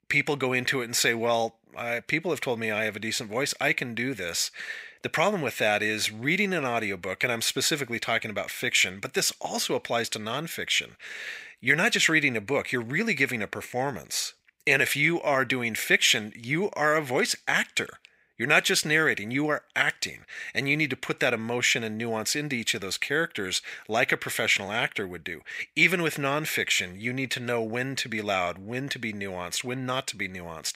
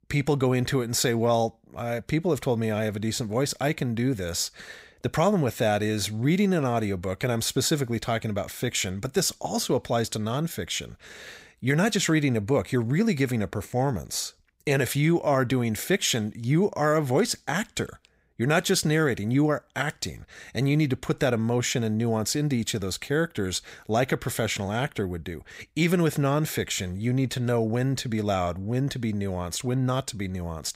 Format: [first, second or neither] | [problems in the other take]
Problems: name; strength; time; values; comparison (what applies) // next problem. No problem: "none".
second | thin; somewhat; fading below 800 Hz